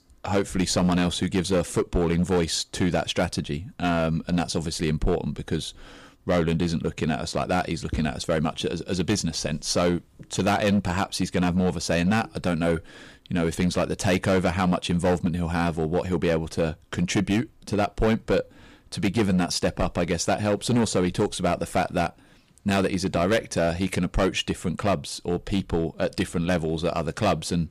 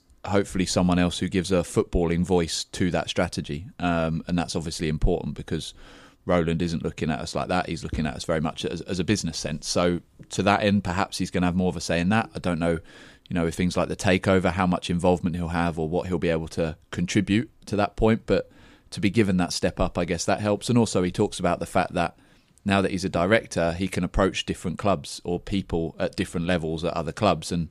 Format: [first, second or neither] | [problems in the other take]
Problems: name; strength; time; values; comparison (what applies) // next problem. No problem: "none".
second | distortion; slight; 7% of the sound clipped